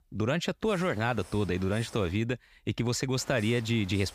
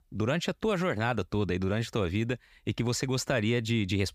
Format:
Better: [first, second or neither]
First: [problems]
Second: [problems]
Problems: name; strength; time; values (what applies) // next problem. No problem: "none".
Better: second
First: hiss; faint; from 0.5 to 2 s and at 3 s; 20 dB below the speech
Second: none